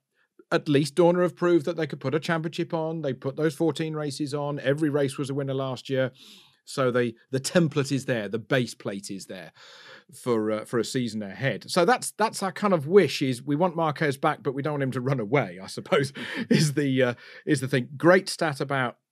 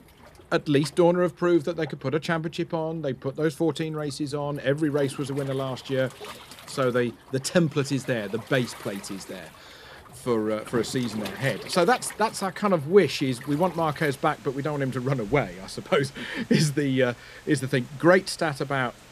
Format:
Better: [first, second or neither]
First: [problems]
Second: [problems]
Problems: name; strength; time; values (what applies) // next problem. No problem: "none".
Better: first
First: none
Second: rain or running water; noticeable; throughout; 20 dB below the speech